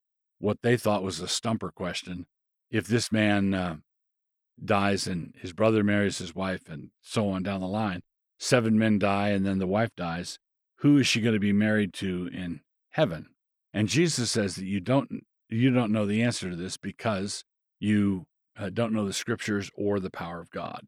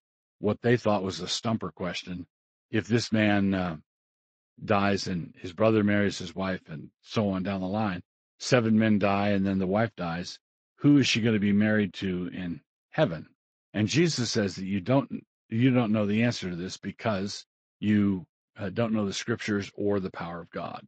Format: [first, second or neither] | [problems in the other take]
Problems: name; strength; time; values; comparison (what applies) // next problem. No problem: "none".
first | garbled, watery; slightly; nothing above 7.5 kHz